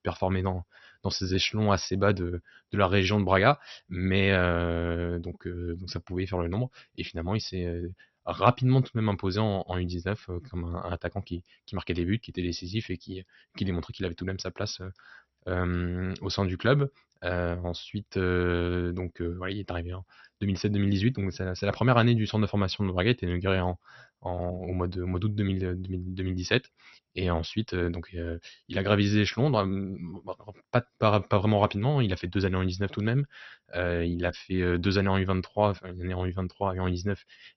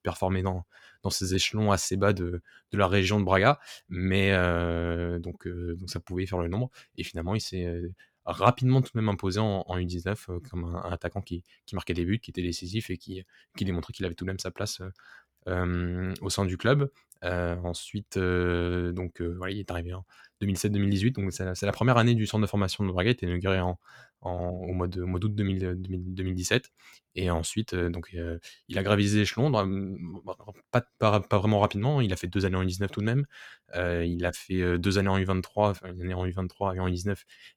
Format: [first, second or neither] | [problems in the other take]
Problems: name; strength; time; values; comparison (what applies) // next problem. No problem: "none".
second | garbled, watery; slightly; nothing above 6 kHz